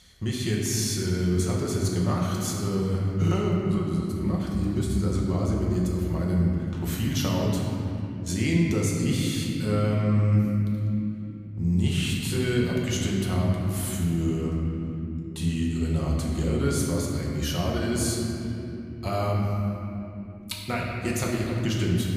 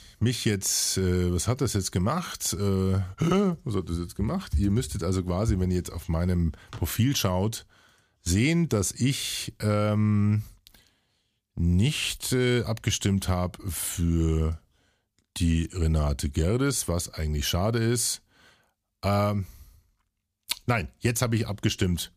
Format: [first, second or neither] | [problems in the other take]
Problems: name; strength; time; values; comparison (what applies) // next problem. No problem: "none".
second | room echo; noticeable; dies away in 3 s // off-mic speech; far